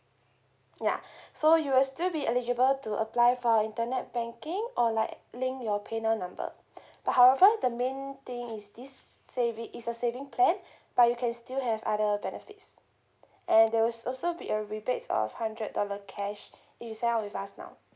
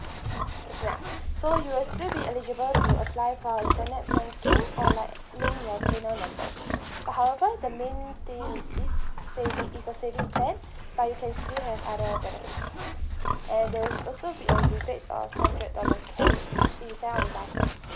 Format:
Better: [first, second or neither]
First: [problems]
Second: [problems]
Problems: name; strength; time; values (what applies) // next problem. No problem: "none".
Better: first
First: none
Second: background sound (Livestock, farm animals, working animals); 3 dB above the speech